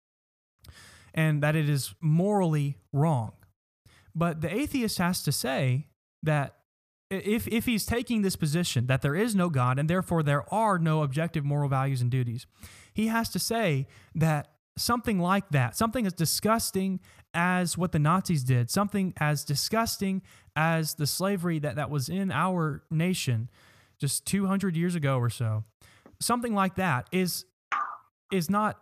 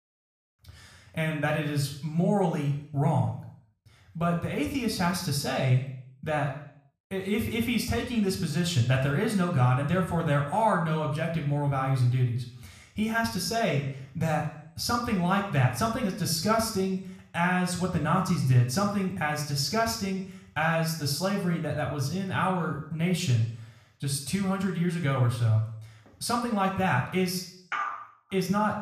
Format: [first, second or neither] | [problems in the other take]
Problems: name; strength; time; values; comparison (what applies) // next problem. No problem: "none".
first | room echo; noticeable; dies away in 0.6 s // off-mic speech; somewhat distant